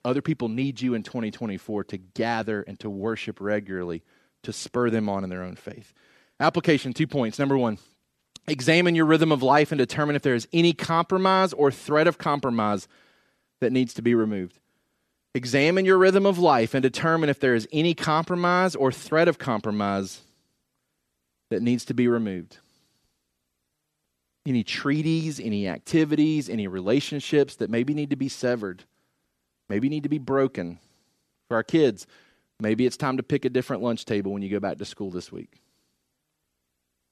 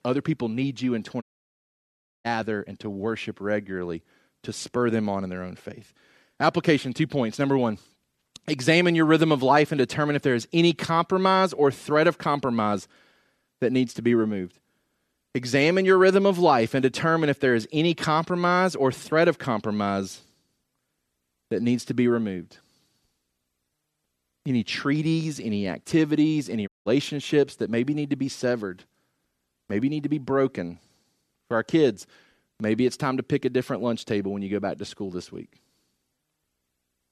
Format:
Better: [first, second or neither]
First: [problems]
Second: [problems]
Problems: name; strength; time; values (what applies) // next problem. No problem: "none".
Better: first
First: none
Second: audio cutting out; at 1 s for 1 s and at 27 s